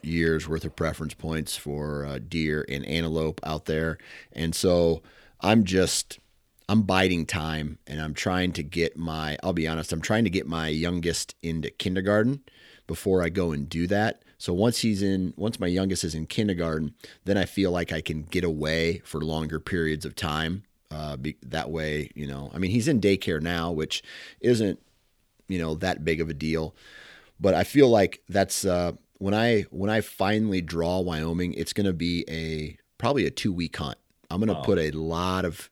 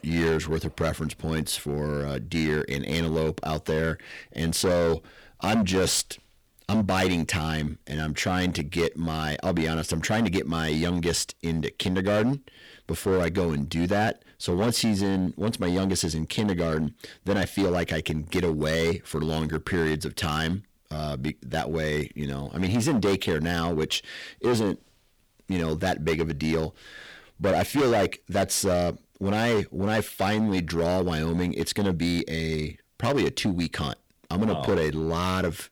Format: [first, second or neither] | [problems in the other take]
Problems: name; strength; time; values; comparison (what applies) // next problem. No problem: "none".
first | distortion; heavy; 10% of the sound clipped